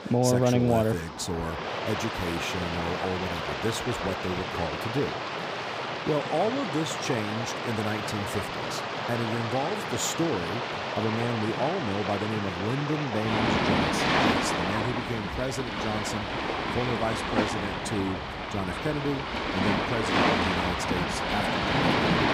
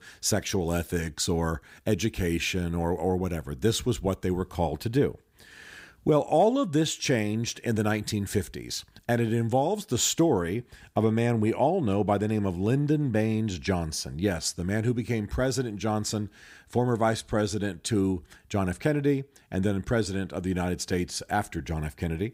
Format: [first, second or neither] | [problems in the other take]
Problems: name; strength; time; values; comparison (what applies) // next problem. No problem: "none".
second | rain or running water; very loud; throughout; 3 dB above the speech